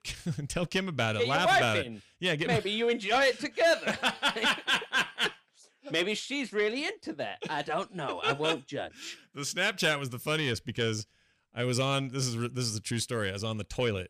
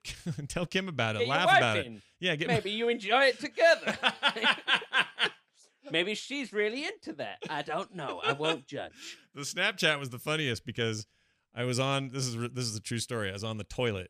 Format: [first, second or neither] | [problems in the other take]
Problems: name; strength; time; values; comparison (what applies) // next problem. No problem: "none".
second | distortion; slight; 10 dB below the speech